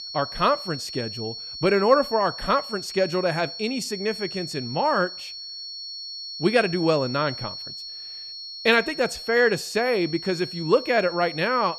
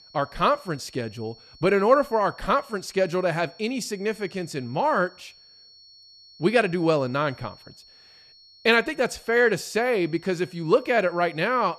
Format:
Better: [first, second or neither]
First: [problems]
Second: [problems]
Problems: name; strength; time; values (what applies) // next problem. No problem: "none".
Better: second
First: high-pitched whine; loud; throughout; 4.5 kHz, 10 dB below the speech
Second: high-pitched whine; faint; throughout; 4.5 kHz, 25 dB below the speech